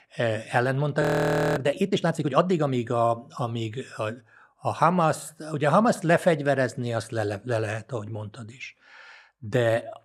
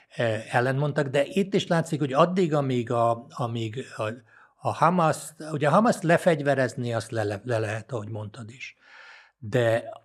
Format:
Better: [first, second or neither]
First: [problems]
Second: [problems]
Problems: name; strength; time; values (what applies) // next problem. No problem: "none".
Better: second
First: audio freezing; at 1 s for 0.5 s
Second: none